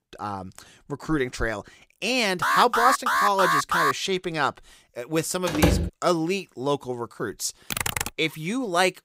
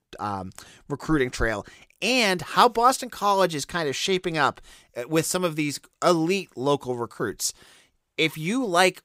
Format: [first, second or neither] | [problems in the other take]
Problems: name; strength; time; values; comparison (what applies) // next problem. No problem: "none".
second | alarm; loud; from 2.5 to 4 s; peak 4 dB above the speech // door banging; loud; at 5.5 s; peak 4 dB above the speech // keyboard typing; noticeable; at 7.5 s; peak level with the speech